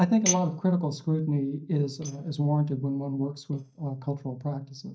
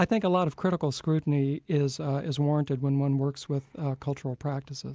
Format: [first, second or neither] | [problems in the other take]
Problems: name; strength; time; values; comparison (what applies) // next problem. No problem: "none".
second | noise reduction (neural mask model DeepFilterNet 3)